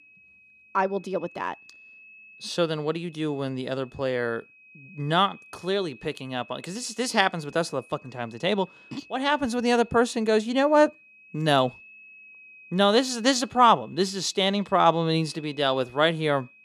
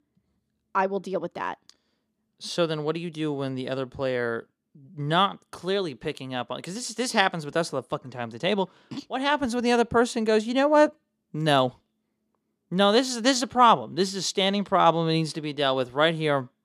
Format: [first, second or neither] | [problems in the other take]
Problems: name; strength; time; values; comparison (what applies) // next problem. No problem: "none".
second | high-pitched whine; faint; throughout; 2.5 kHz, 25 dB below the speech